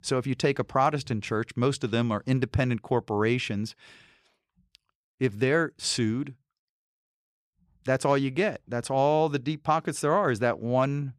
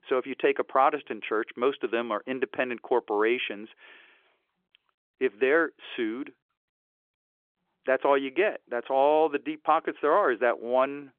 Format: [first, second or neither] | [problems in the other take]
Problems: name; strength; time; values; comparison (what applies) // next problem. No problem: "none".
first | phone-call audio; nothing above 3.5 kHz